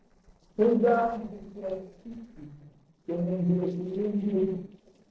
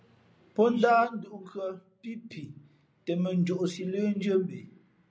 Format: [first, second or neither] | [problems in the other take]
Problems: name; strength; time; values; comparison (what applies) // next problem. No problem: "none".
second | noise reduction (neural separator model SepFormer DNS4)